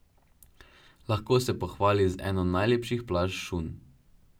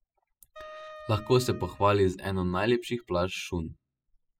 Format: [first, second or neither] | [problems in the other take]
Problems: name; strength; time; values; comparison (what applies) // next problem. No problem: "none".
first | noise reduction (classical method spectral subtraction)